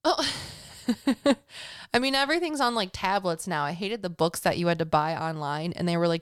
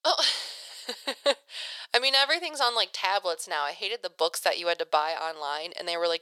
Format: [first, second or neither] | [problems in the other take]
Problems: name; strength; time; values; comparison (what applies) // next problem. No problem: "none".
first | thin; very; fading below 500 Hz